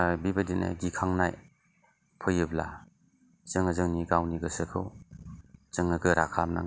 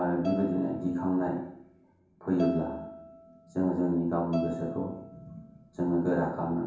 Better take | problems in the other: first | background sound (Bowed string instrument); 11 dB below the speech // room echo; dies away in 0.9 s

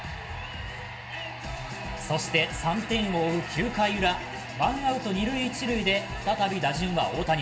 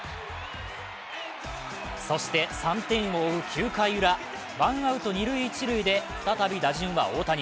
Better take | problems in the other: second | background sound (Mechanical fan); 17 dB below the speech // room echo; dies away in 1.2 s

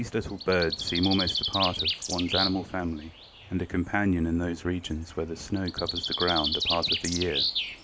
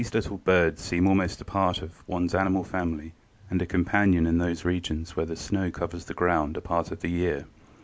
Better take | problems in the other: second | background sound (Bird); 3 dB below the speech

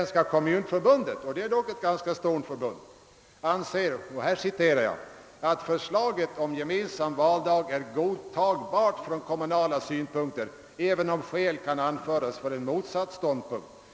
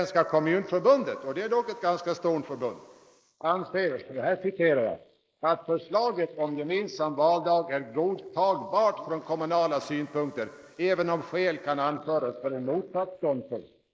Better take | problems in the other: first | noise reduction (neural mask model Resemble Enhance denoiser)

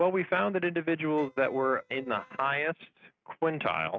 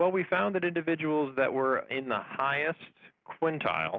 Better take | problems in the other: second | noise reduction (neural mask model RNNoise)

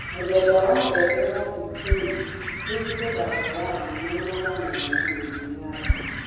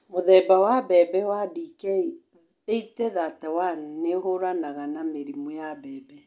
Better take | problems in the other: second | background sound (Bird); 3 dB below the speech // room echo; dies away in 1.2 s

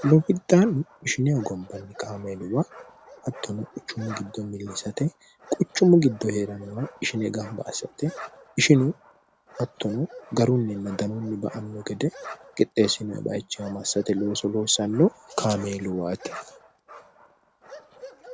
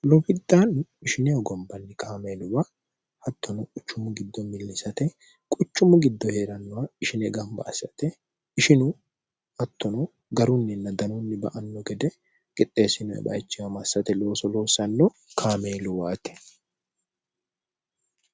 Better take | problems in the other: second | background sound (Bark); 19 dB below the speech

